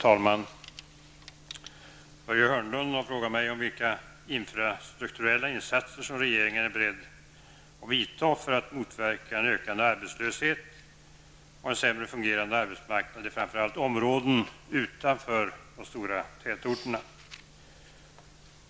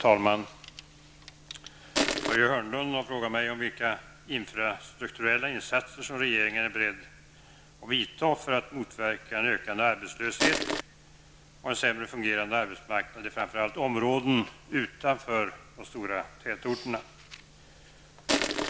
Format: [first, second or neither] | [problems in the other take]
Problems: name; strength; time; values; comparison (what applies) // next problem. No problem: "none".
first | background sound (Crushing); 3 dB above the speech